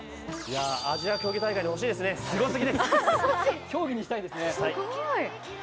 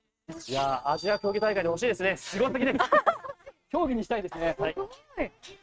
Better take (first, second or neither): first